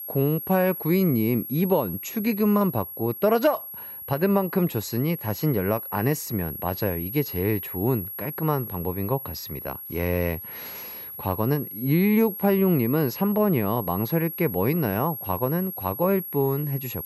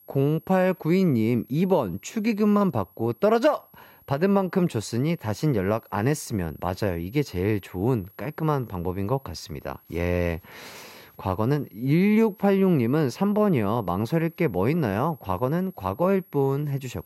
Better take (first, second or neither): second